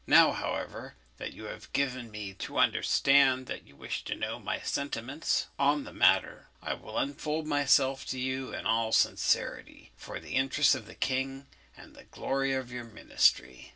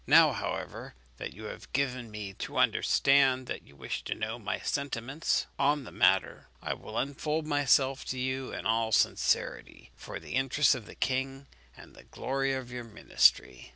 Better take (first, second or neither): second